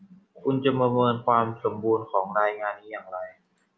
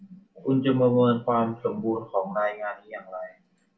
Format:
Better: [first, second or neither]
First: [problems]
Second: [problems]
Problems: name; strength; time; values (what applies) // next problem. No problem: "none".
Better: first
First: none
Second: room echo; dies away in 0.2 s